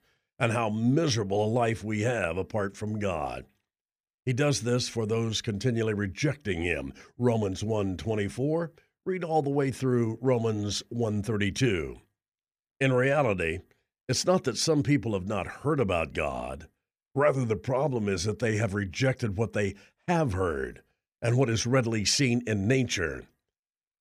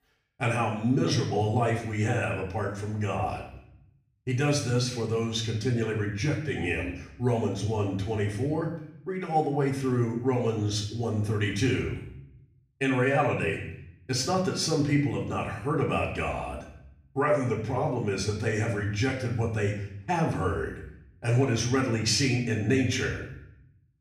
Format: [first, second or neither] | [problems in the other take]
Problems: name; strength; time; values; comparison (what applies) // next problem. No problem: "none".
first | room echo; slight; dies away in 0.7 s // off-mic speech; far